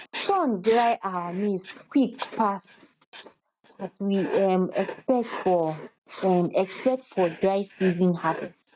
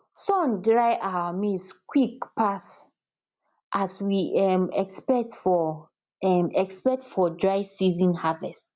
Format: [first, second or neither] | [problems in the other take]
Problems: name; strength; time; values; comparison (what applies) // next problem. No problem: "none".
second | noise reduction (neural mask model RNNoise)